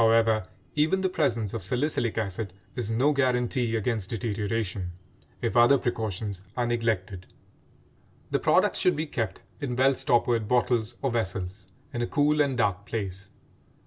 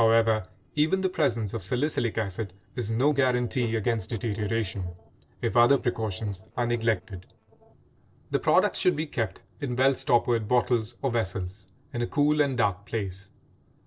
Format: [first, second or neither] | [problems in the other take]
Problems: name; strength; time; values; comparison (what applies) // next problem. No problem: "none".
first | noise reduction (neural separator model SepFormer DNS4)